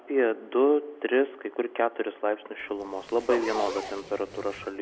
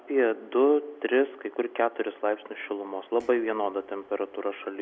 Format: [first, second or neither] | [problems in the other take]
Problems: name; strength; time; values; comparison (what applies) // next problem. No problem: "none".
second | background sound (Zipper (clothing)); 10 dB below the speech